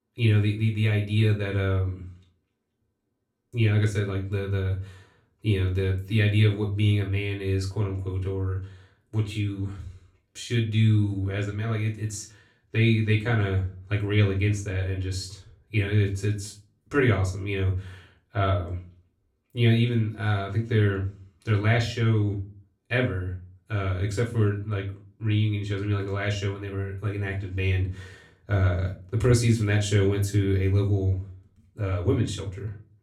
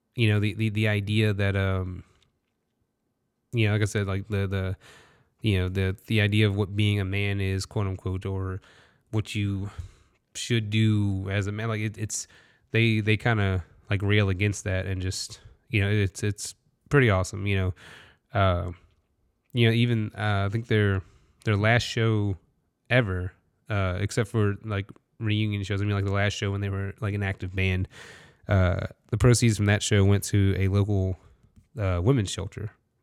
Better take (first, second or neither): second